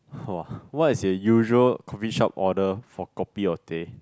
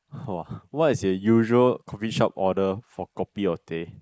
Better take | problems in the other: first | noise reduction (neural mask model Resemble Enhance denoiser)

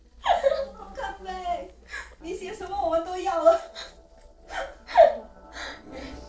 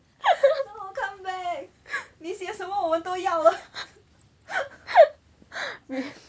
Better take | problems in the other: second | noise reduction (neural separator model SepFormer DNS4)

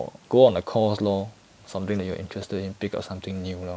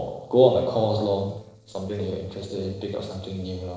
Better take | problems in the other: first | noise reduction (neural separator model SepFormer DNS4)

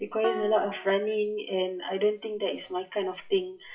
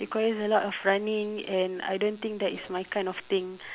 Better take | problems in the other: second | noise reduction (classical method WPE with log-MMSE)

